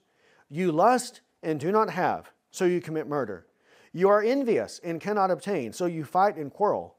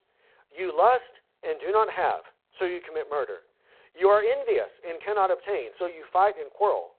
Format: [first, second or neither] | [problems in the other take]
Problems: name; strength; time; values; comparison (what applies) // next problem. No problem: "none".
first | phone-call audio; poor line; nothing above 4 kHz